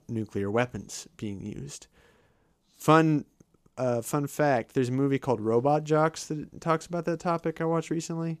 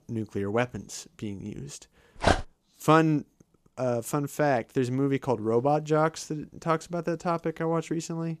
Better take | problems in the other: first | dog barking; loud; at 2 s; peak 2 dB above the speech

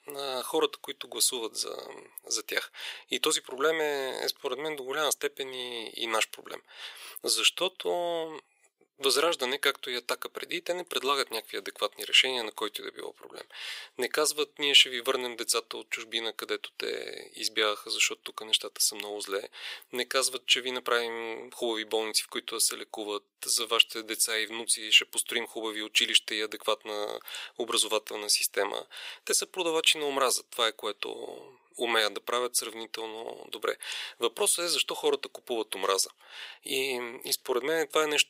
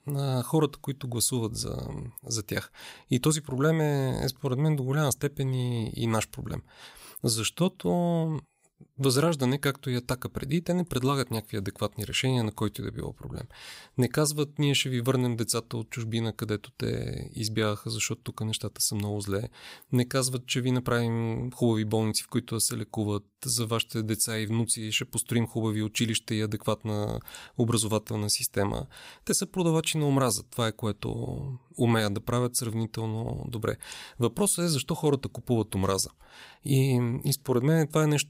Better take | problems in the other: second | thin; very; fading below 400 Hz

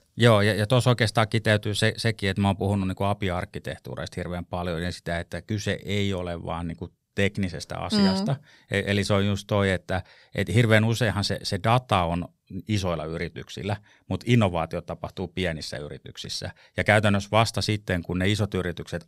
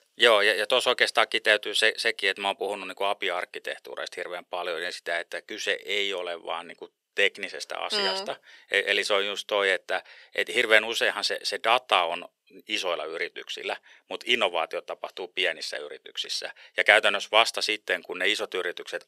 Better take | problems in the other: first | thin; very; fading below 400 Hz

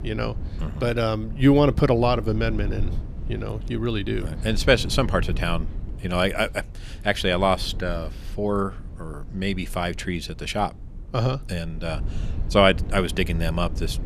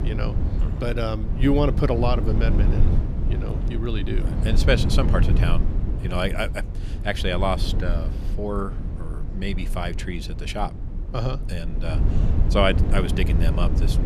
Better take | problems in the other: first | low rumble; loud; throughout; 9 dB below the speech; faint in the first

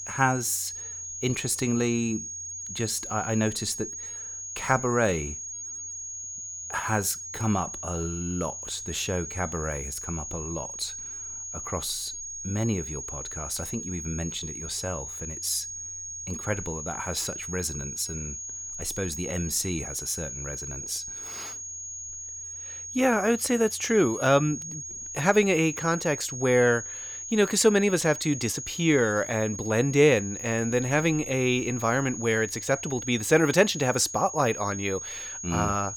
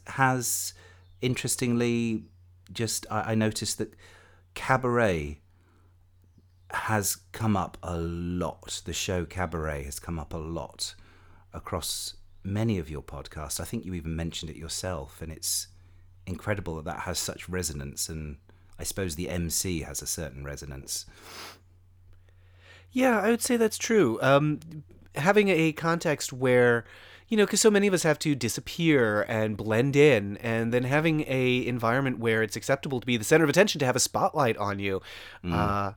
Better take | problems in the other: second | high-pitched whine; loud; throughout; 6.5 kHz, 8 dB below the speech

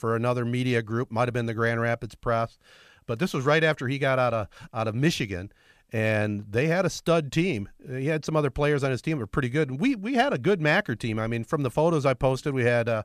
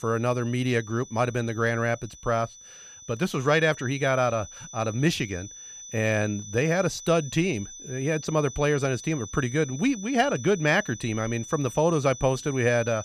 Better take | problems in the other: first | high-pitched whine; noticeable; throughout; 6 kHz, 15 dB below the speech

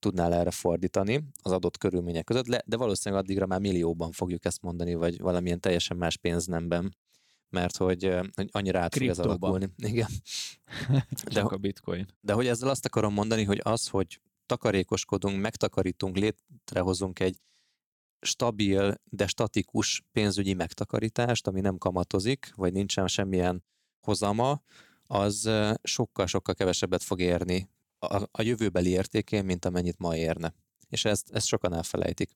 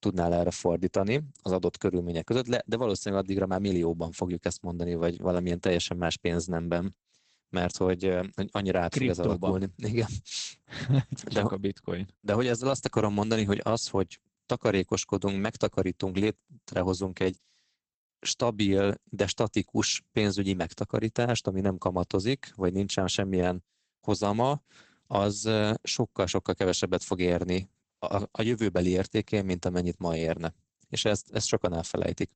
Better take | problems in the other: first | garbled, watery; badly; nothing above 8 kHz

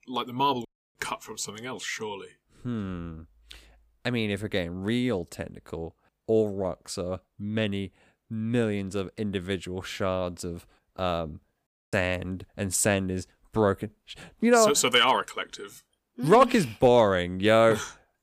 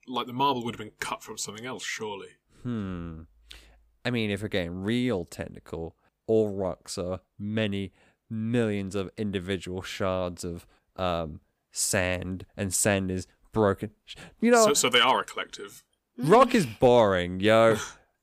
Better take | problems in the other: second | audio cutting out; at 0.5 s and at 12 s

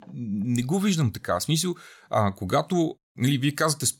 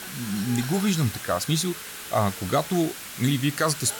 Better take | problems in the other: first | hiss; loud; throughout; 9 dB below the speech

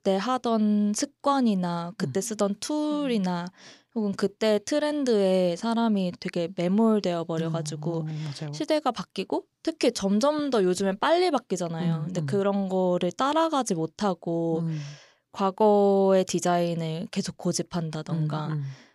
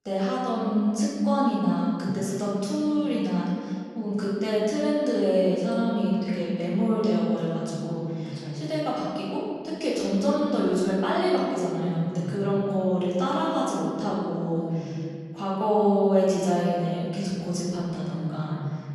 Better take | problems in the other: first | off-mic speech; far // room echo; strong; dies away in 2 s

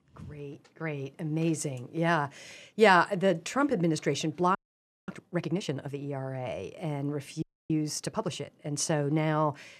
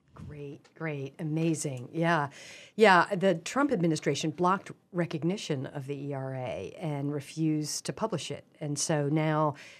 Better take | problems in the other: second | audio freezing; at 4.5 s for 0.5 s and at 7.5 s

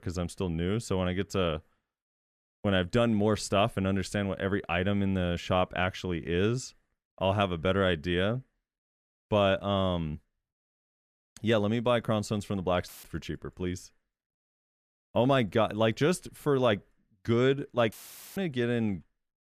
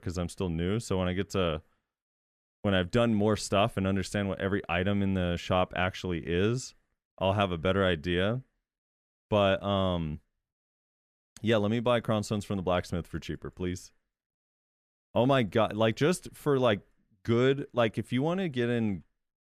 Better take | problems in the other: second | audio cutting out; filled with static; at 13 s and at 18 s

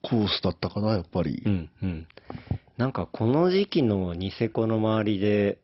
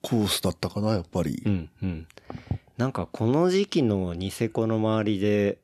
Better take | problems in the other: second | garbled, watery; badly; nothing above 5.5 kHz

